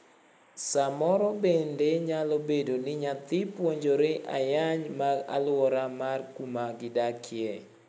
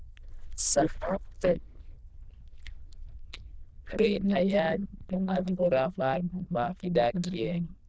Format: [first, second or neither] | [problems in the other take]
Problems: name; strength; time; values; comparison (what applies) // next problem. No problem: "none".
first | noise reduction (neural diffusion model UNIVERSE++)